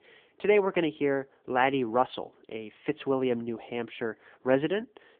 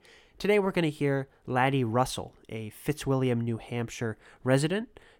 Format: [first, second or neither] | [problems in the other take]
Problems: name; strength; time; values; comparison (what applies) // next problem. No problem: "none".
second | phone-call audio